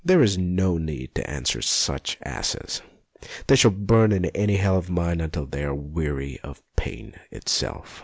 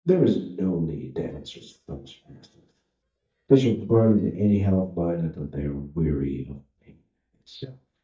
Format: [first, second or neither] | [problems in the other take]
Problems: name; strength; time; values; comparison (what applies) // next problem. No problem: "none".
first | noise reduction (neural mask model DeepFilterNet 3)